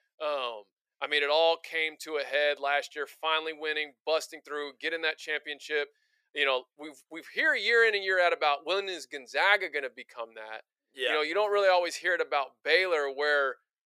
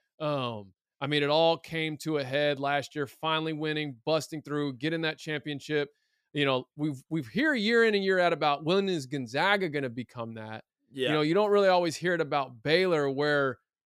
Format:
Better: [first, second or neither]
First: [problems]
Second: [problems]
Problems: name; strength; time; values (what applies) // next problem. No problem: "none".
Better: second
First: thin; very; fading below 450 Hz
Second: none